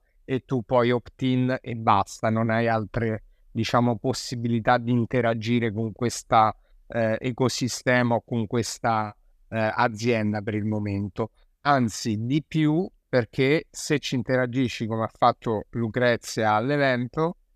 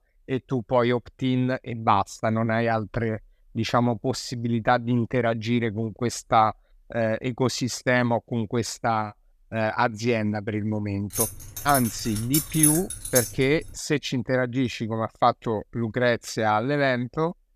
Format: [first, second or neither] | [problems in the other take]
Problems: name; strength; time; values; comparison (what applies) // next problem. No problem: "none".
first | jangling keys; loud; from 11 to 13 s; peak 5 dB above the speech